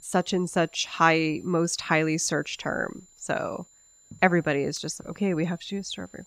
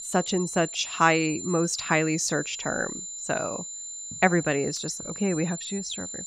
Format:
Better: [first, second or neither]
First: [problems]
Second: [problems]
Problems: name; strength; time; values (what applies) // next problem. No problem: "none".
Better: first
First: high-pitched whine; faint; throughout; 7 kHz, 30 dB below the speech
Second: high-pitched whine; loud; throughout; 7 kHz, 8 dB below the speech